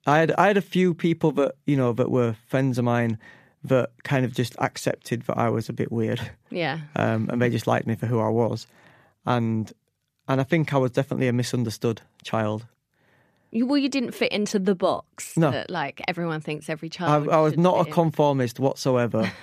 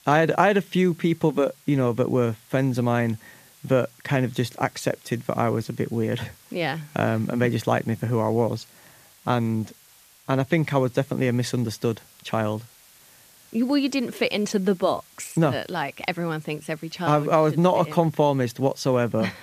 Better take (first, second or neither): first